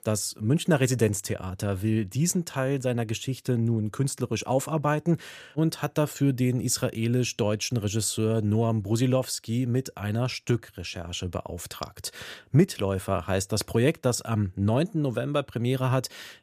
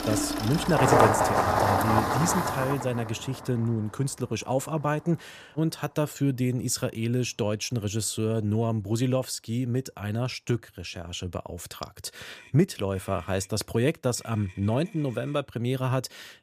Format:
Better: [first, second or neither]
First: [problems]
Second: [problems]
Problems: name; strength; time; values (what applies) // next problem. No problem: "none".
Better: first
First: none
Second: traffic noise; very loud; throughout; 4 dB above the speech